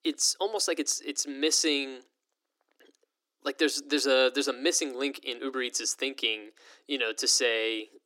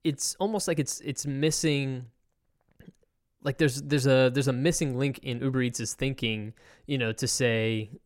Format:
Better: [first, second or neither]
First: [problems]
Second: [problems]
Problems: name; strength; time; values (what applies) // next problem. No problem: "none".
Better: second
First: thin; somewhat; fading below 300 Hz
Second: none